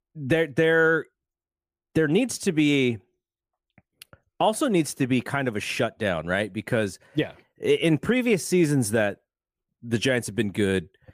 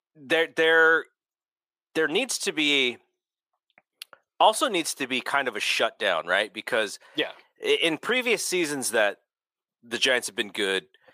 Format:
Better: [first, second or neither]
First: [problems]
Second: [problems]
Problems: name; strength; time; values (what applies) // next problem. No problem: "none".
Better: first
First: none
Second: thin; somewhat; fading below 500 Hz